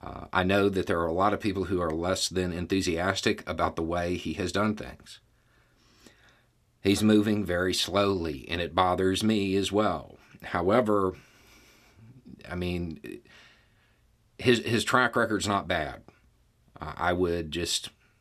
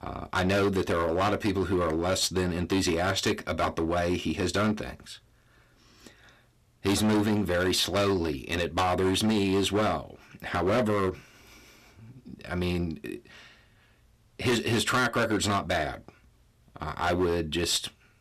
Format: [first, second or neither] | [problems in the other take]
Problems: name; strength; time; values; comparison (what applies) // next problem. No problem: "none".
first | distortion; heavy; 10% of the sound clipped